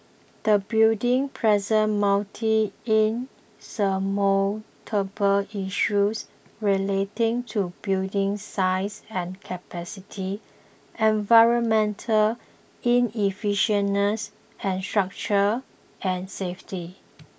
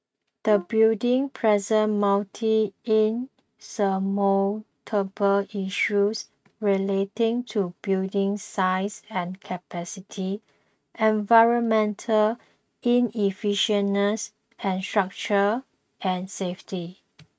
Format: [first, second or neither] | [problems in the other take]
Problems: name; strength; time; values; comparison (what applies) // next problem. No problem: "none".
first | noise reduction (neural mask model RNNoise)